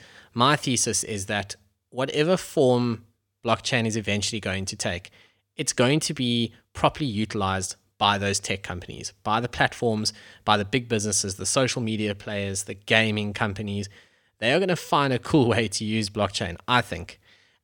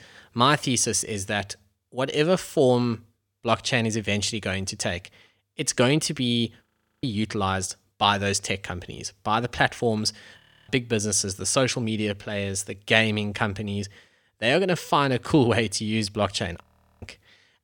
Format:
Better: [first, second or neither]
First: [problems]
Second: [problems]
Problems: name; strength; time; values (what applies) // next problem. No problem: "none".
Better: first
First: none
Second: audio freezing; at 6.5 s, at 10 s and at 17 s